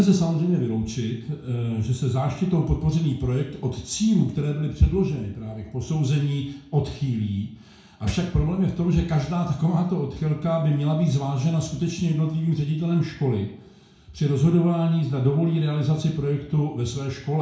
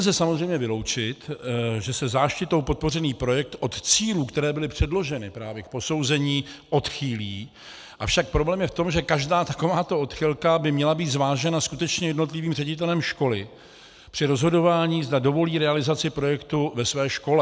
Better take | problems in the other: second | background sound (Snare drum); 19 dB below the speech // room echo; dies away in 0.5 s

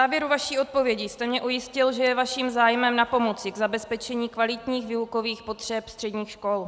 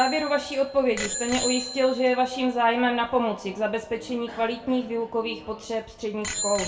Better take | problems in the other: first | background sound (Bicycle bell); 10 dB below the speech // room echo; dies away in 0.3 s

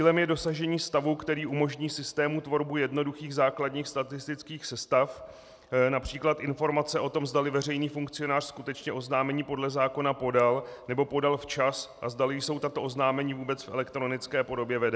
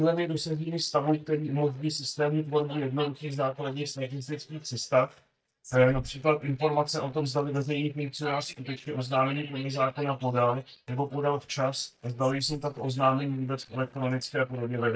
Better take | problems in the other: first | noise reduction (neural mask model DeepFilterNet 3)

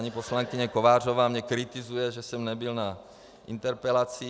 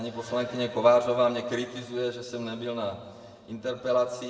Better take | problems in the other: first | room echo; dies away in 1.4 s

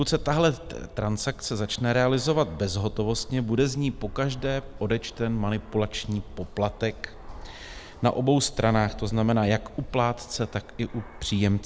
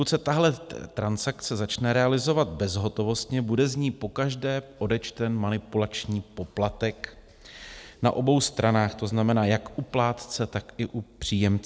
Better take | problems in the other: second | background sound (Fixed-wing aircraft, airplane); 14 dB below the speech

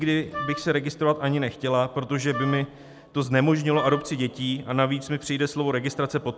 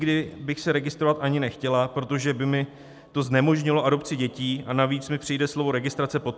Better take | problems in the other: second | background sound (Wind instrument, woodwind instrument); 10 dB below the speech

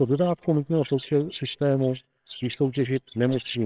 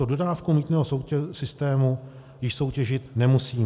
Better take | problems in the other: second | noise reduction (neural separator model SepFormer WHAMR!)

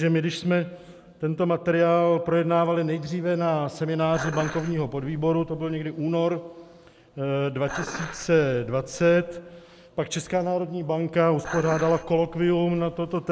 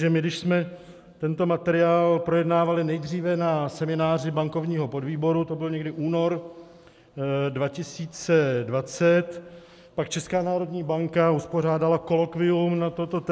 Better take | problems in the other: second | background sound (Dishes, pots, and pans); 13 dB below the speech

